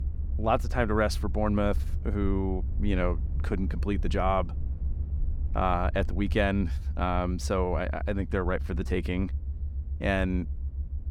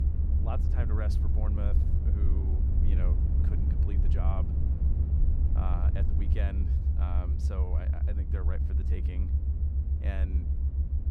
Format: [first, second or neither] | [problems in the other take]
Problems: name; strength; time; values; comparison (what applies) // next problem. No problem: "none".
first | low rumble; loud; throughout; 1 dB below the speech; faint in the first